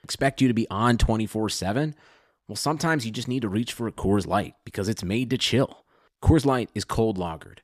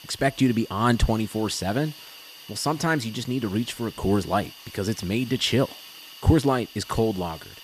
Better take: first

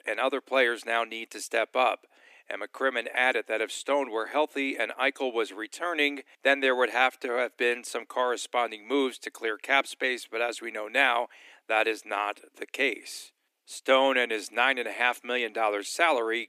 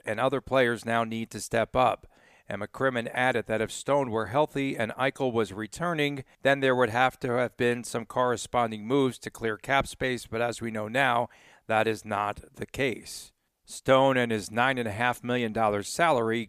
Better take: second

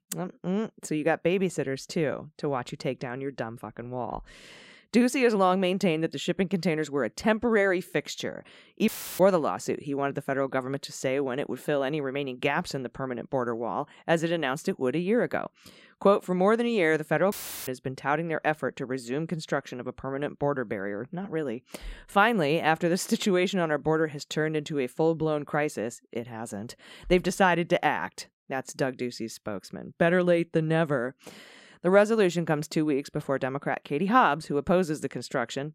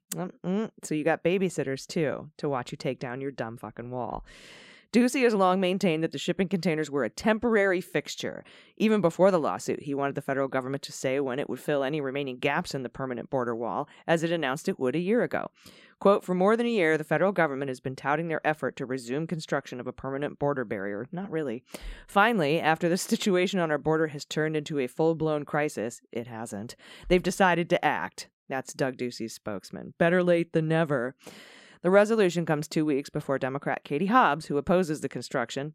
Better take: second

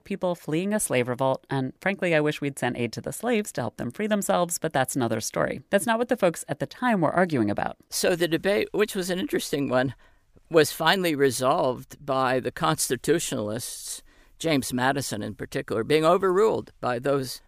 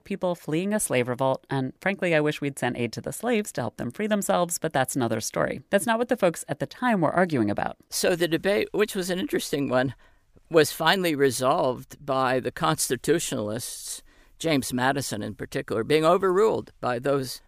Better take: neither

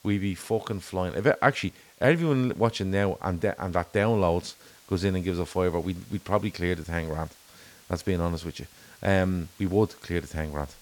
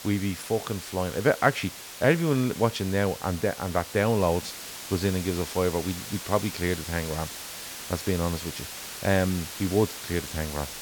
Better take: first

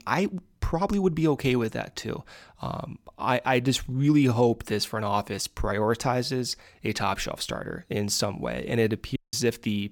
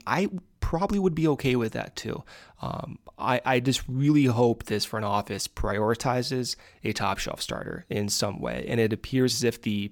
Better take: second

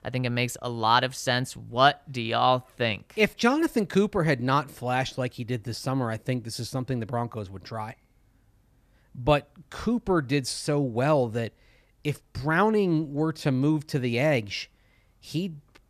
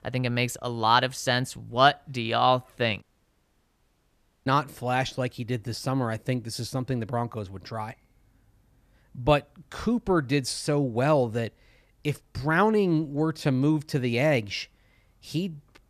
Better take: first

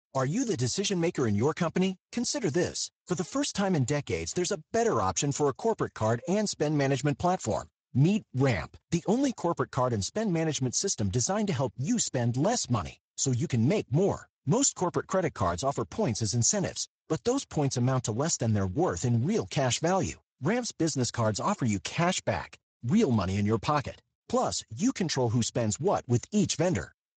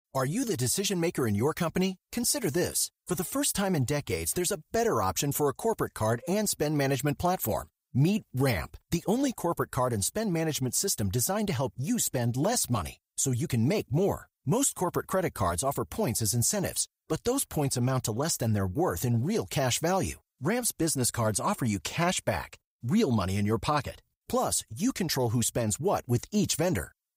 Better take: second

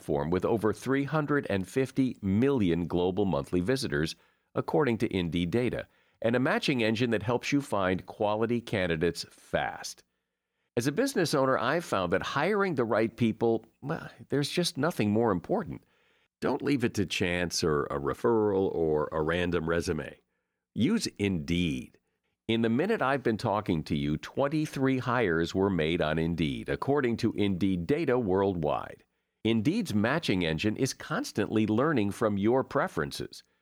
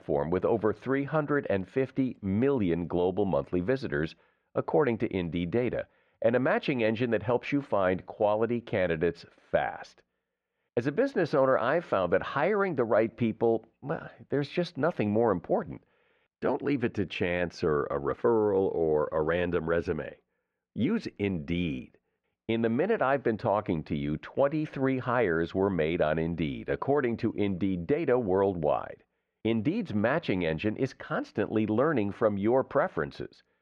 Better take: first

